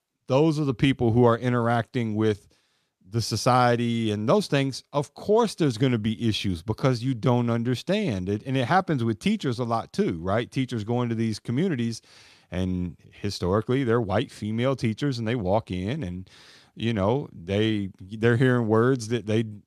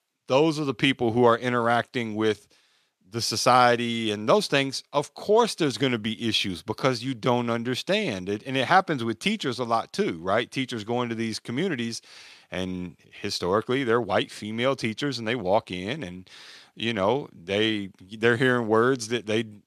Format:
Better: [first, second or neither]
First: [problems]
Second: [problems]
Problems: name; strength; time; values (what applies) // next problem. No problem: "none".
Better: first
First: none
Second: thin; very slightly; fading below 400 Hz